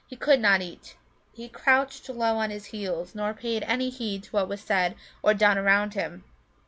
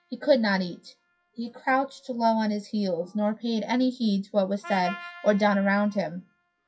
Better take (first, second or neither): first